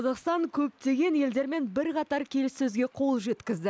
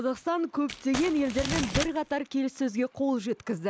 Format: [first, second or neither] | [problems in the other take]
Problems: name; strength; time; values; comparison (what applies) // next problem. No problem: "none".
first | background sound (Crumpling, crinkling); 5 dB below the speech